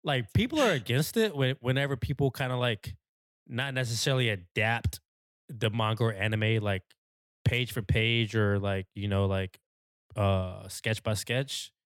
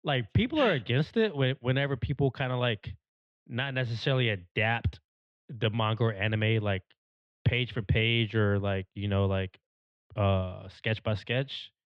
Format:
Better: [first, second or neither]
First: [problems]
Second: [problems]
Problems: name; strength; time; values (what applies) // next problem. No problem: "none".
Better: first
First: none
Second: muffled; slightly; fading above 3.5 kHz